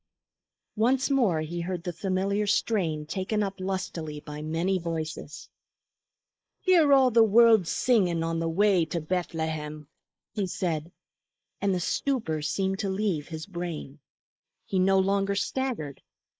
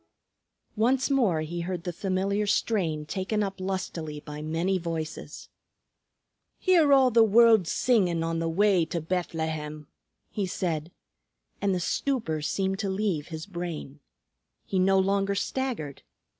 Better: second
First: noise reduction (neural mask model Resemble Enhance denoiser)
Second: none

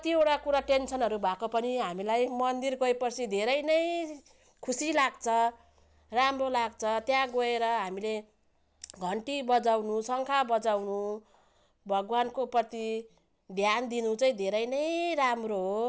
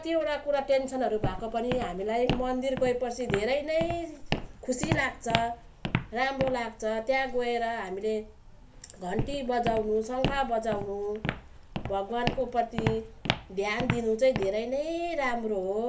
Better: first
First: none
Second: background sound (Walk, footsteps); 6 dB below the speech // room echo; dies away in 0.3 s

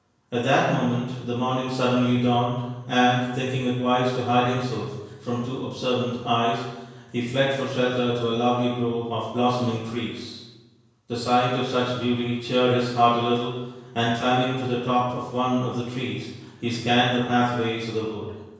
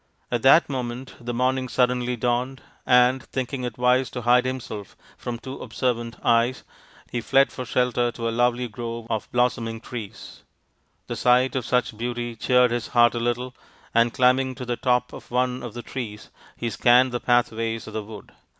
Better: second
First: room echo; dies away in 1 s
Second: none

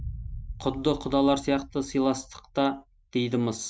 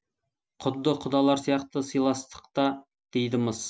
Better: second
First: background sound (Boom); 14 dB below the speech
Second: none

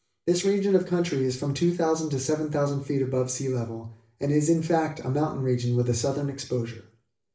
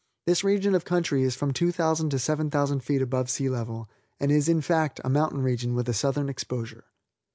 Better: second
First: room echo; dies away in 0.4 s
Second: none

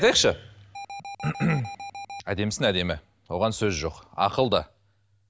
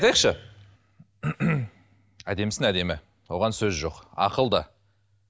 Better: second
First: background sound (Alarm); 11 dB below the speech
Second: none

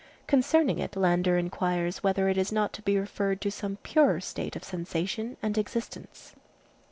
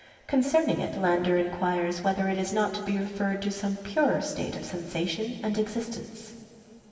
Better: first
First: none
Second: room echo; dies away in 2.9 s

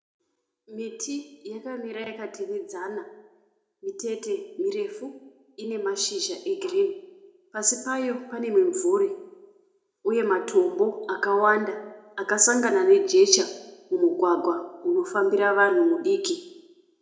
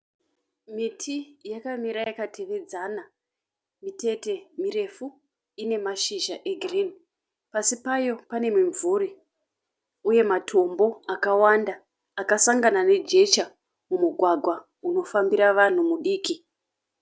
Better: second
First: room echo; dies away in 0.6 s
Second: none

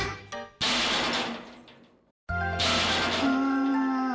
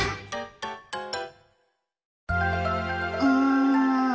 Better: second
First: background sound (Tools); as loud as the speech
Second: none

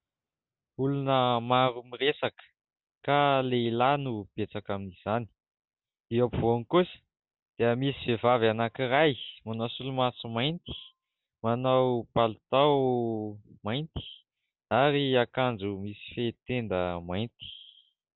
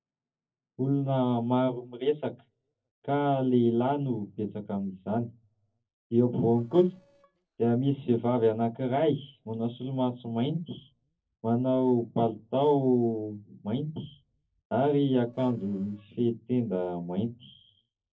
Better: first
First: none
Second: noise reduction (neural separator model SepFormer DNS4)

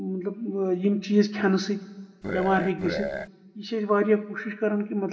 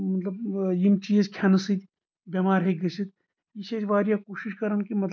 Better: second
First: background sound (Burping, eructation); 5 dB below the speech // room echo; dies away in 1.3 s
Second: none

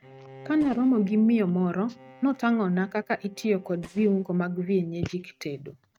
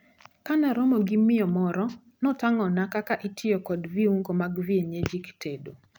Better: second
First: noise reduction (neural mask model RNNoise)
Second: none

